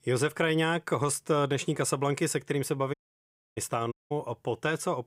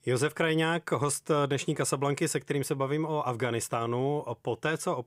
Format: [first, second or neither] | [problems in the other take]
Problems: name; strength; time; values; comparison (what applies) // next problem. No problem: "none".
second | audio cutting out; at 3 s for 0.5 s and at 4 s